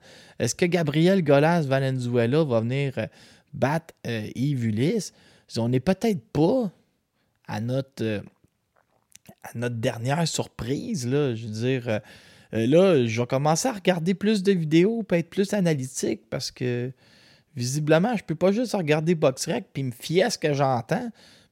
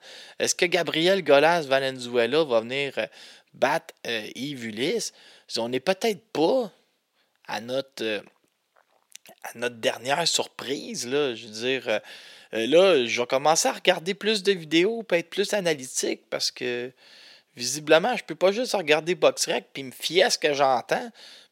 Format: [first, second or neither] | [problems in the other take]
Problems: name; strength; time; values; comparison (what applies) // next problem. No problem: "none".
first | thin; somewhat; fading below 400 Hz